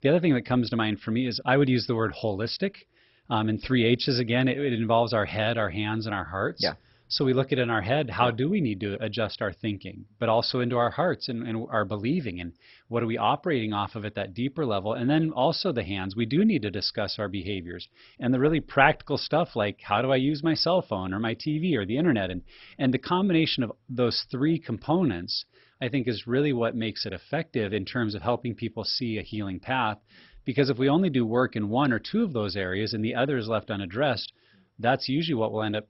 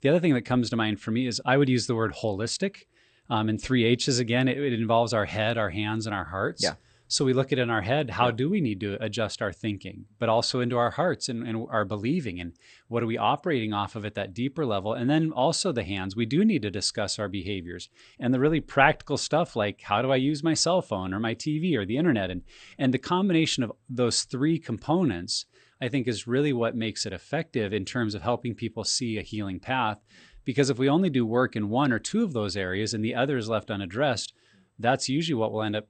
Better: second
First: garbled, watery; badly; nothing above 5.5 kHz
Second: garbled, watery; slightly; nothing above 8.5 kHz

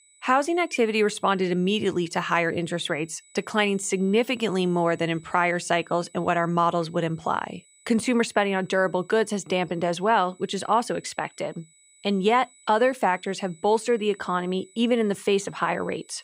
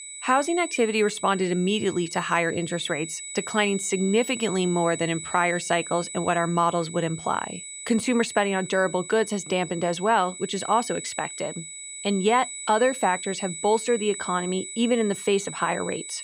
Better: first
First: high-pitched whine; faint; throughout; 8 kHz, 30 dB below the speech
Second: high-pitched whine; loud; throughout; 8 kHz, 10 dB below the speech

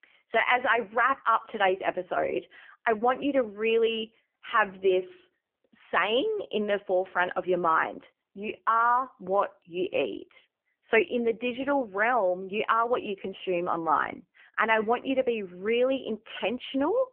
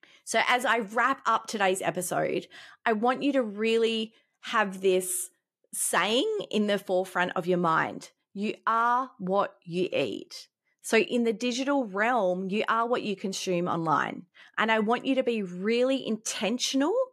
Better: second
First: phone-call audio; poor line; nothing above 3 kHz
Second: none

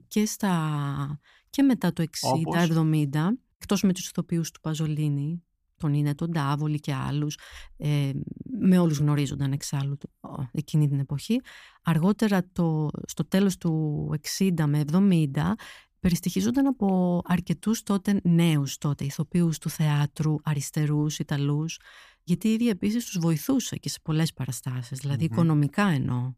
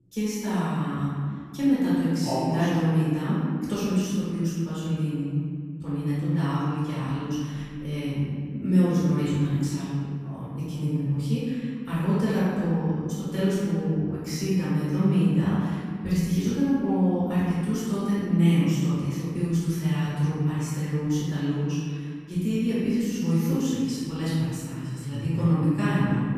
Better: first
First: none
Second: room echo; strong; dies away in 1.9 s // off-mic speech; far

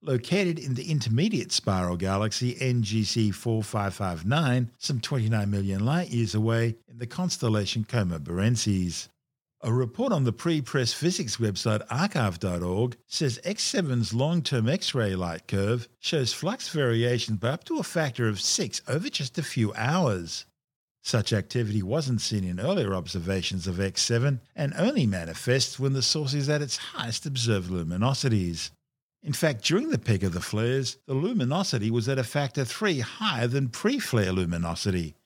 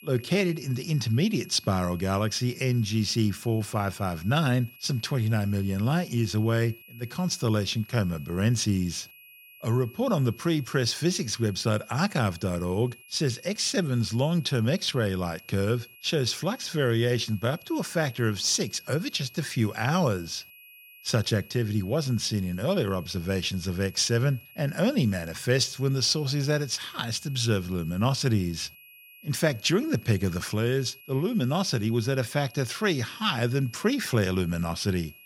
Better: first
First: none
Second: high-pitched whine; faint; throughout; 2.5 kHz, 20 dB below the speech

